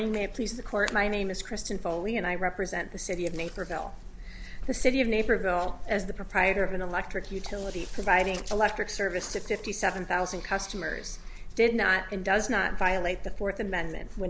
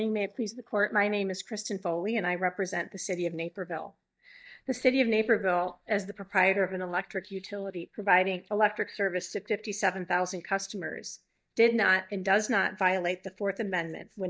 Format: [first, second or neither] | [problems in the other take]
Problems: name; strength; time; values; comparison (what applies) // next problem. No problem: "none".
first | noise reduction (neural mask model DeepFilterNet 3)